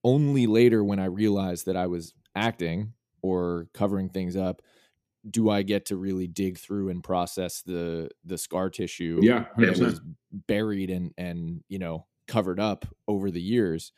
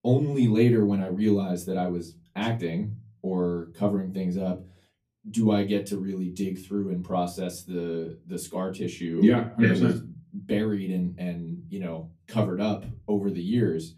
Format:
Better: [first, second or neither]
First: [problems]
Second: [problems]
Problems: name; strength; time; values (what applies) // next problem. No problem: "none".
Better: first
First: none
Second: off-mic speech; far // room echo; very slight; dies away in 0.2 s